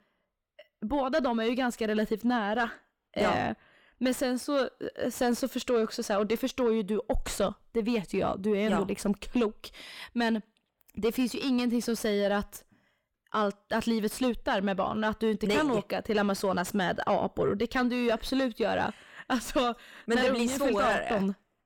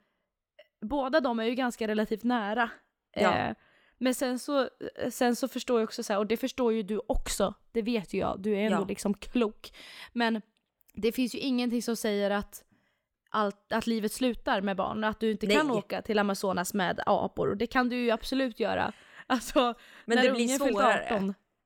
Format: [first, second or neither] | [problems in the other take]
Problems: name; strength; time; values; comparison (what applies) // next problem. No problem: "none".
second | distortion; slight; 10 dB below the speech